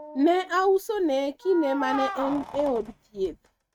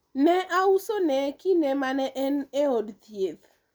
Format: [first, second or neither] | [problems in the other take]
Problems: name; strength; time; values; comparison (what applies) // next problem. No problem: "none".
second | noise reduction (neural mask model RNNoise)